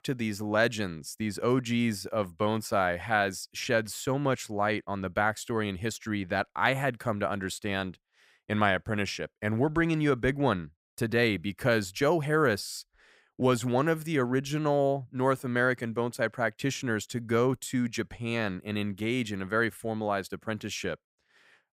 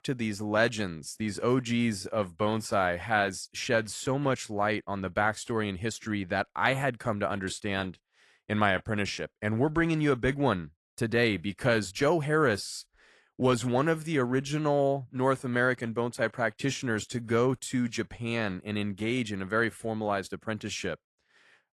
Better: first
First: none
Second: garbled, watery; slightly; nothing above 11.5 kHz

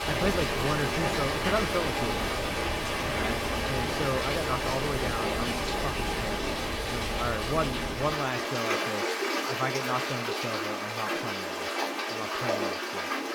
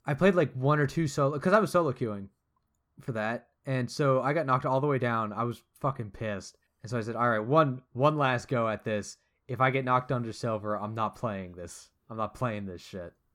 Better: second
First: rain or running water; very loud; throughout; 4 dB above the speech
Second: none

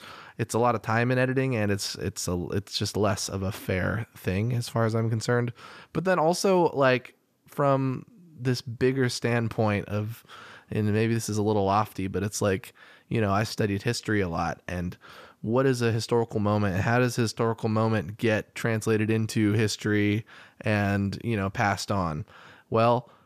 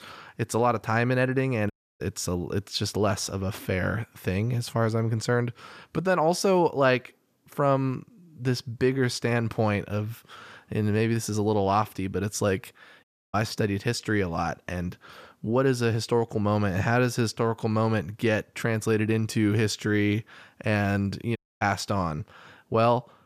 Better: first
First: none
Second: audio cutting out; at 1.5 s, at 13 s and at 21 s

